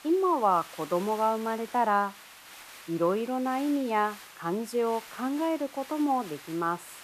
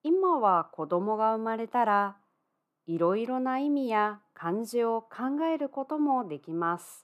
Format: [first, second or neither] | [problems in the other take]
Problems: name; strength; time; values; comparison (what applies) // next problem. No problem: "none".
second | hiss; noticeable; throughout; 15 dB below the speech